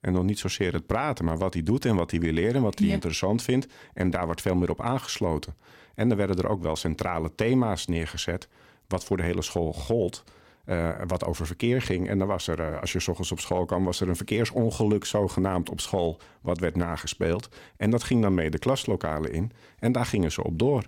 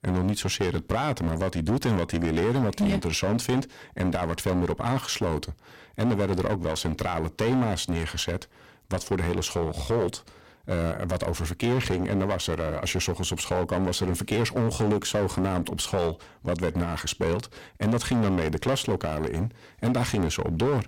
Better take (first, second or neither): first